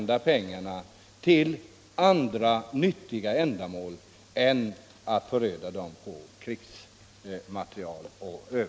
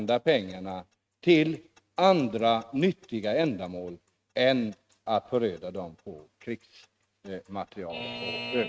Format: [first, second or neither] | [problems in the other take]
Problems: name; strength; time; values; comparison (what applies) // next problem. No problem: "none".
first | noise reduction (neural mask model RNNoise)